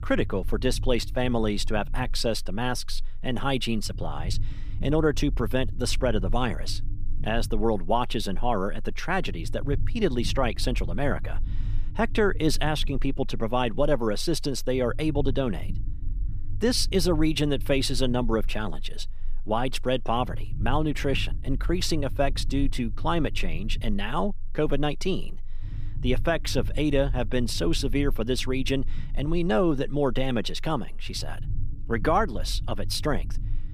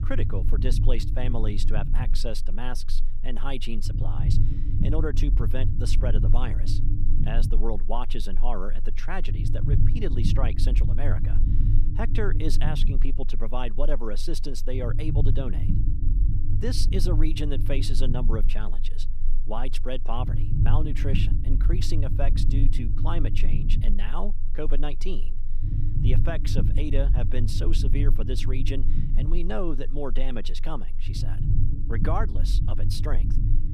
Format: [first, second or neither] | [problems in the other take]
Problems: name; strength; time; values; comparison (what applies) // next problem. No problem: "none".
first | low rumble; loud; throughout; 6 dB below the speech; faint in the first